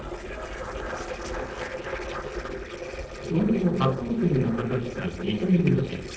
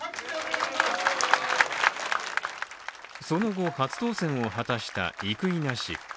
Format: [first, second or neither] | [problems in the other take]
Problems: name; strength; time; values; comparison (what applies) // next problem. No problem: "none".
second | noise reduction (neural separator model SepFormer DNS4)